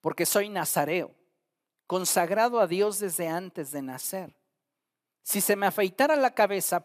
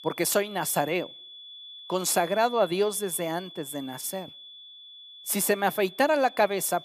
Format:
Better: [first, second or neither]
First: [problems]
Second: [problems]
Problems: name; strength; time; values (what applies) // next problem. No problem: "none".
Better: first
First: none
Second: high-pitched whine; noticeable; throughout; 3.5 kHz, 15 dB below the speech